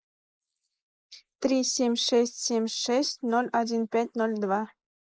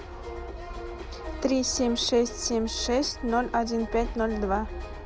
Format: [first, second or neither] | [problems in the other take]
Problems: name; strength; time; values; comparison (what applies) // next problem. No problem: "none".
second | noise reduction (neural mask model Resemble Enhance denoiser)